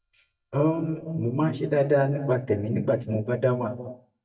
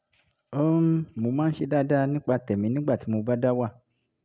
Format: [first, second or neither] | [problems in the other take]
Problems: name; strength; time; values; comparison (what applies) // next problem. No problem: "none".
second | noise reduction (neural mask model DeepFilterNet 3)